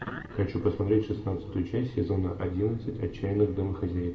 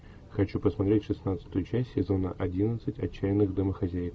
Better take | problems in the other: second | room echo; dies away in 1.8 s

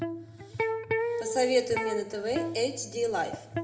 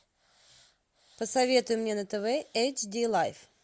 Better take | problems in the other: second | background sound (Electric guitar); 2 dB below the speech // room echo; dies away in 0.7 s

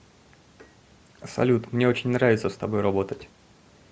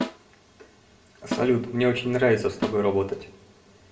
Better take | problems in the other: first | background sound (Snare drum); 11 dB below the speech // room echo; dies away in 0.5 s

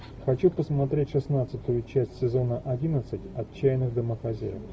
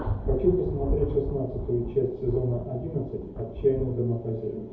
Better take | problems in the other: first | background sound (Thunder); 6 dB below the speech // room echo; dies away in 2 s

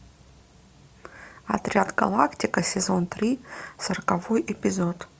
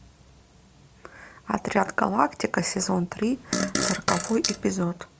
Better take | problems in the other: first | background sound (Fart); 2 dB below the speech

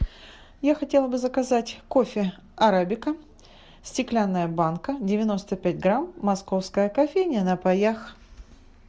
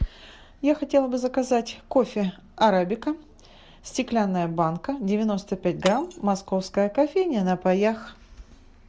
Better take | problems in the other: first | background sound (Shatter); 19 dB below the speech

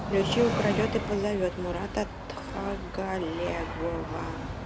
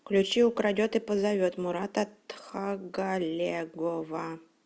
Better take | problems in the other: second | background sound (Train); 3 dB below the speech

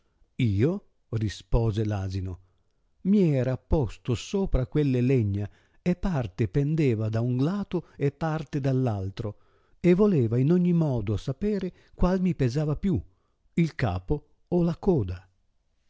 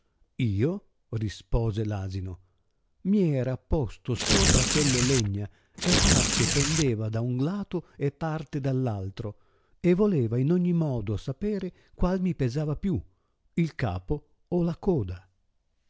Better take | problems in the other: first | background sound (Tearing); 3 dB above the speech

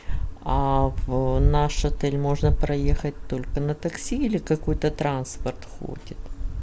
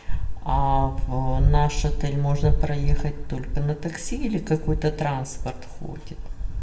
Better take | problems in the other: first | room echo; dies away in 0.6 s

